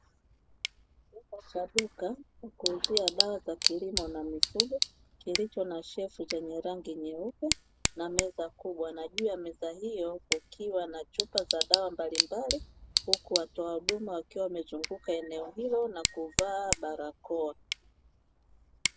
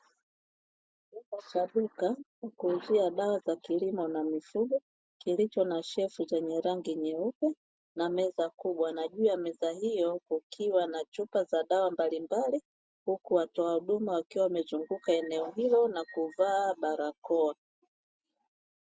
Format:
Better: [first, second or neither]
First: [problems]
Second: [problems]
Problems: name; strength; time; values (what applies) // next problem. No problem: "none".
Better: second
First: background sound (Tick / Bicycle); as loud as the speech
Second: none